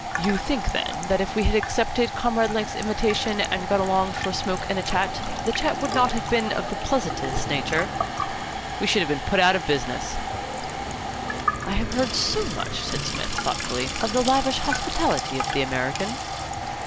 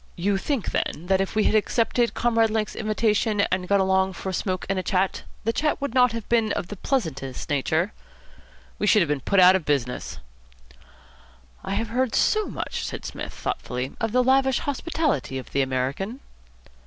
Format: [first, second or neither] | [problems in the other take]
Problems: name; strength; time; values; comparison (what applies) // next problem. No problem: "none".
second | background sound (Domestic sounds, home sounds + Sink (filling or washing) / Water tap, faucet); 4 dB below the speech